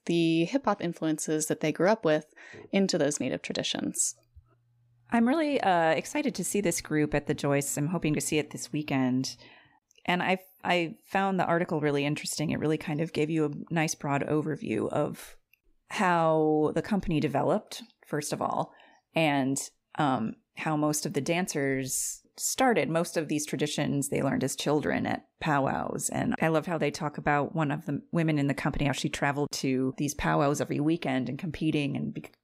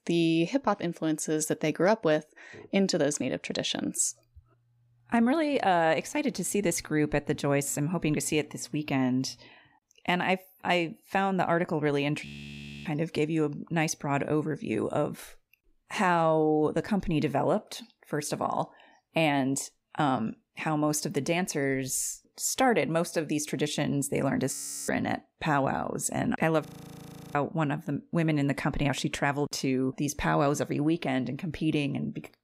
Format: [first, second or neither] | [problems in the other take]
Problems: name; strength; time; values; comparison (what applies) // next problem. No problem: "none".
first | audio freezing; at 12 s for 0.5 s, at 25 s and at 27 s for 0.5 s